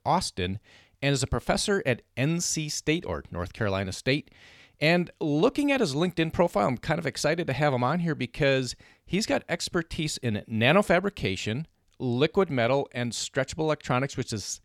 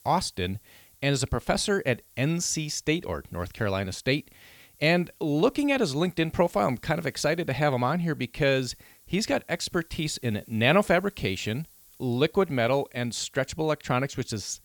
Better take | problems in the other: first | hiss; faint; throughout; 25 dB below the speech

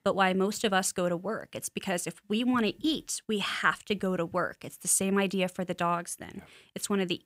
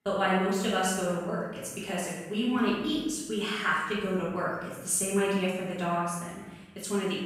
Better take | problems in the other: first | room echo; strong; dies away in 1 s // off-mic speech; far

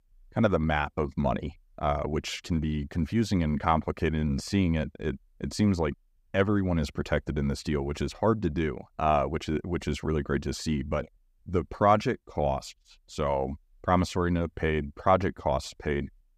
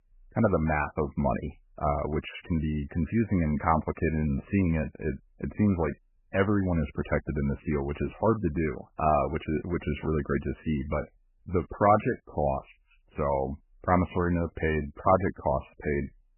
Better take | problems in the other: first | garbled, watery; badly; nothing above 3 kHz

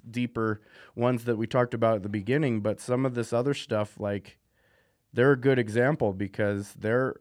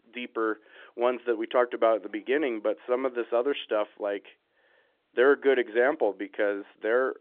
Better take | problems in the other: first | phone-call audio; nothing above 3.5 kHz

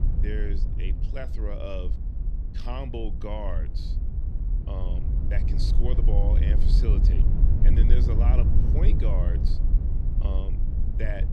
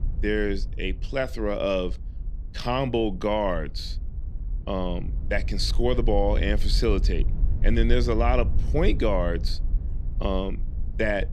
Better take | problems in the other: second | wind noise on the microphone; heavy; 4 dB below the speech; occasional gusts in the second

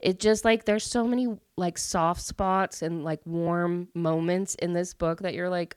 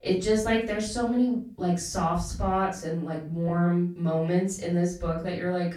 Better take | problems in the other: first | off-mic speech; far // room echo; noticeable; dies away in 0.4 s

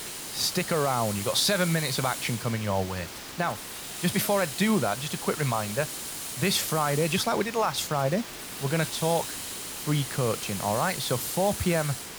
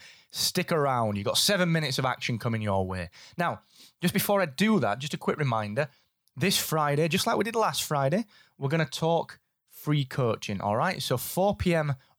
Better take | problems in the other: second | hiss; loud; throughout; 7 dB below the speech

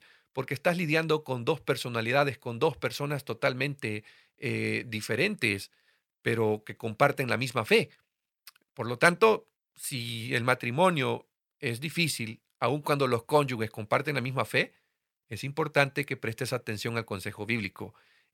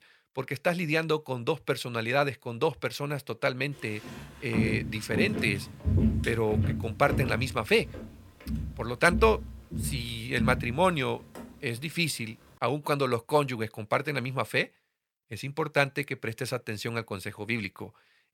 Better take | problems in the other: first | footsteps; loud; from 4.5 to 11 s; peak 3 dB above the speech

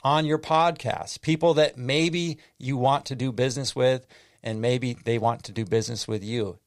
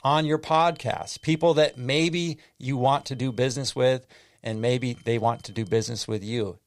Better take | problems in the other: first | high-pitched whine; faint; from 0.5 to 2 s, from 2.5 to 4 s and from 4.5 to 6 s; 3 kHz, 35 dB below the speech

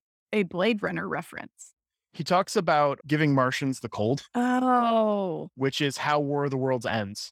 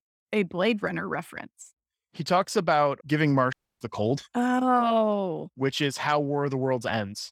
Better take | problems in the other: first | audio cutting out; at 3.5 s

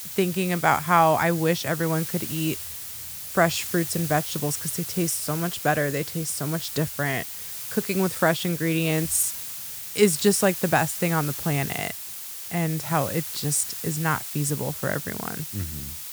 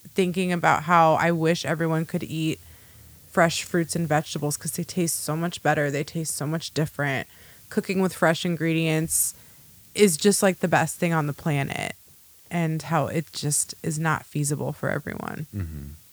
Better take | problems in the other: second | hiss; loud; throughout; 5 dB below the speech; faint in the second

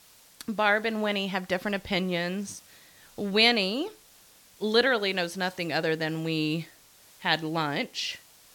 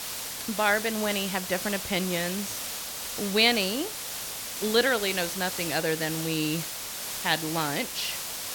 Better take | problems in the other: first | hiss; loud; throughout; 5 dB below the speech; faint in the first

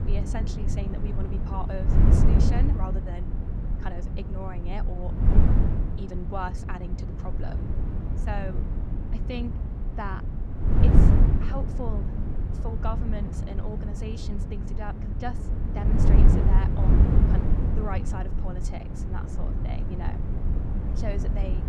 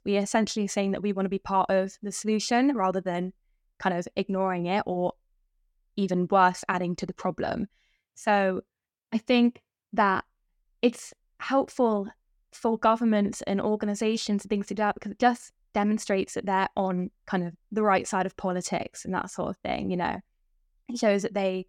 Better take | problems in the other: second | wind noise on the microphone; heavy; as loud as the speech

